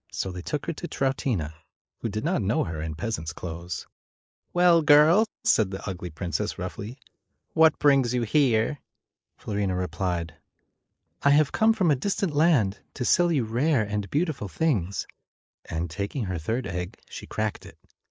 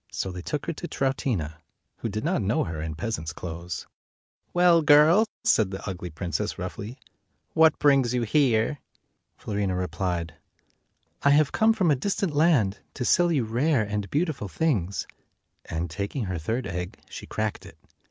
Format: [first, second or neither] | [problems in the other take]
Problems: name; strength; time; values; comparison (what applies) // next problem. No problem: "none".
second | noise reduction (neural mask model Resemble Enhance denoiser)